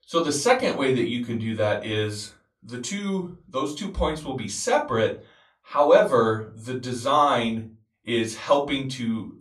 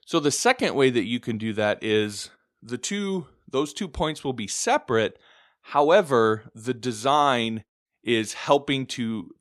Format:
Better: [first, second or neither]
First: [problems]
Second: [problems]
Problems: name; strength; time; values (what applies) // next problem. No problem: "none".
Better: second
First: off-mic speech; far // room echo; very slight; dies away in 0.3 s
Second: none